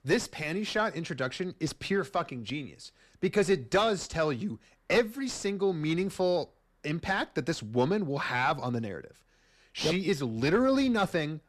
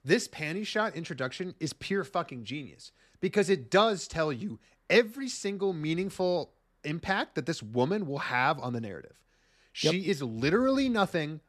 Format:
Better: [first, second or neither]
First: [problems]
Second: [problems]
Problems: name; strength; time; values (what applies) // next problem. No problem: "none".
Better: second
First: distortion; slight; 10 dB below the speech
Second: none